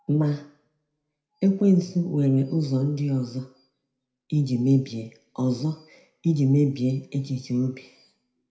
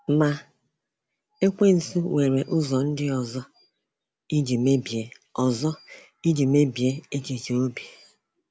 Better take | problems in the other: second | room echo; dies away in 0.4 s

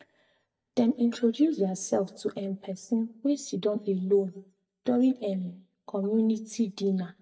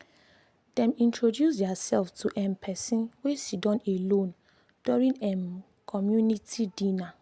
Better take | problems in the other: second | noise reduction (neural mask model DeepFilterNet 3)

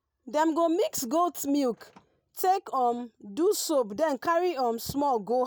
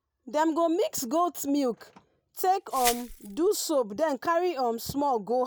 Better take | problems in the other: first | background sound (Glass); 9 dB below the speech

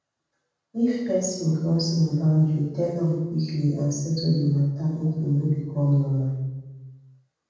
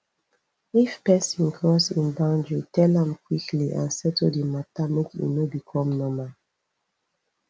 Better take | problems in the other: second | room echo; dies away in 1.2 s

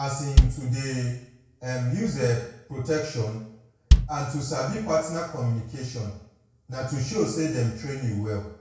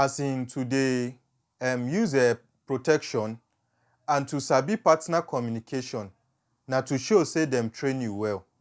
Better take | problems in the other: second | background sound (Bass drum); 5 dB above the speech // room echo; dies away in 0.6 s

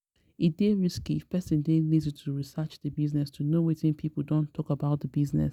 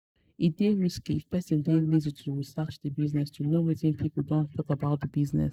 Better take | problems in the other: first | noise reduction (neural mask model Resemble Enhance denoiser)

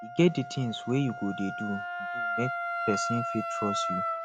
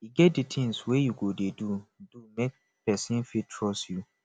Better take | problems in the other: second | background sound (Wind instrument, woodwind instrument); 3 dB below the speech

